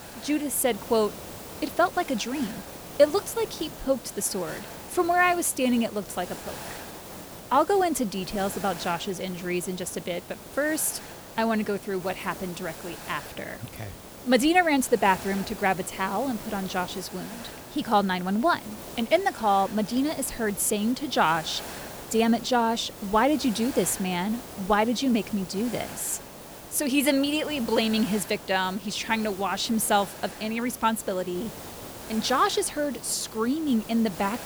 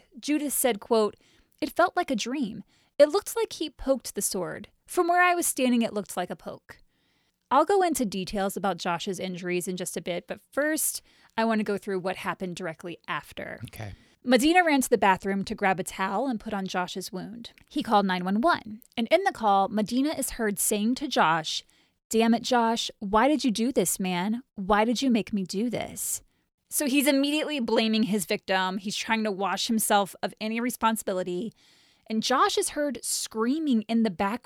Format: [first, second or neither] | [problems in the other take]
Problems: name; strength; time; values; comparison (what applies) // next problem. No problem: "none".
second | hiss; noticeable; throughout; 15 dB below the speech